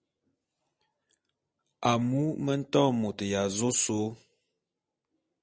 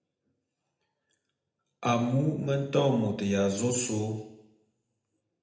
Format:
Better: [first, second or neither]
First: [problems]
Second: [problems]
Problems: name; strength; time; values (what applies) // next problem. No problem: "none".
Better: first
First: none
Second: room echo; dies away in 0.8 s